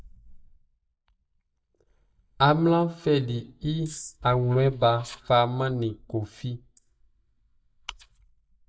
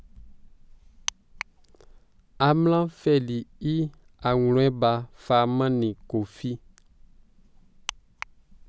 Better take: second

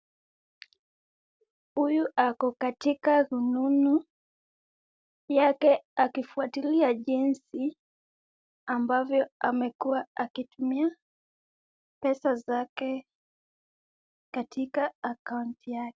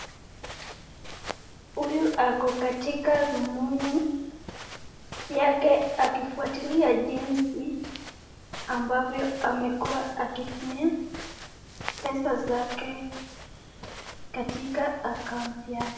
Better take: first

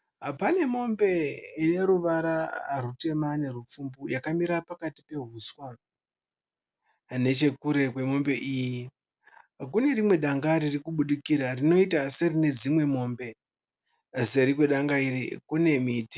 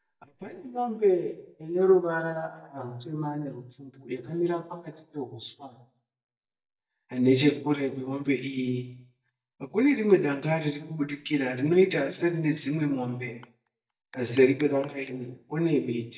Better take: first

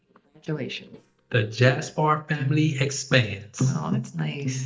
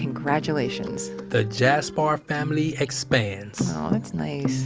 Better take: second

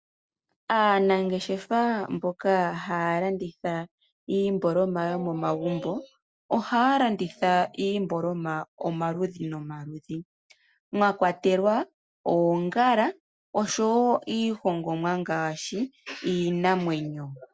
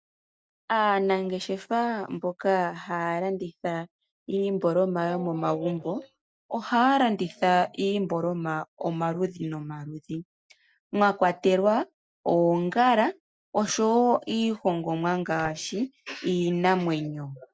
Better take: first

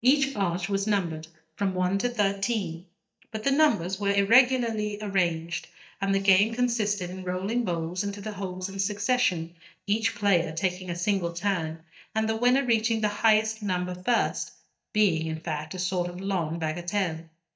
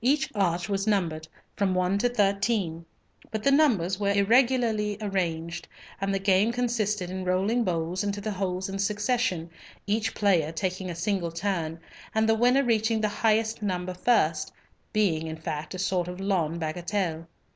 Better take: second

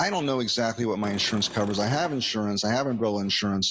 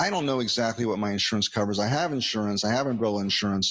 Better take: second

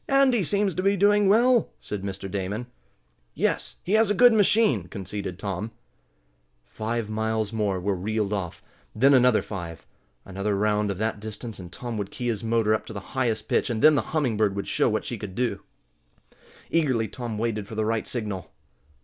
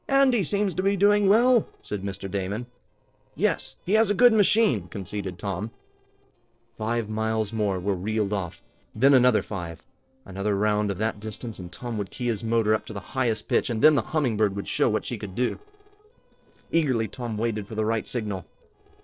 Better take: first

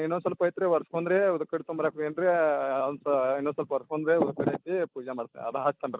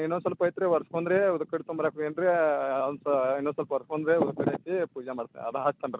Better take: second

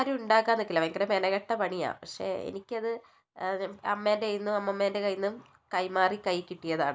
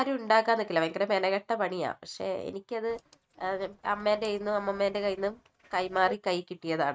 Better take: first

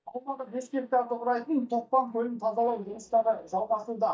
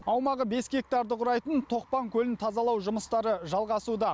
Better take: second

